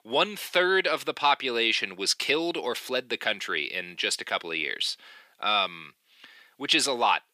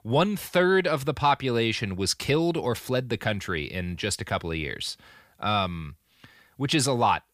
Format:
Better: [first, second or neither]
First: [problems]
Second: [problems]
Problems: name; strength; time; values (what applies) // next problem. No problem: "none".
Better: second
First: thin; somewhat; fading below 300 Hz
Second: none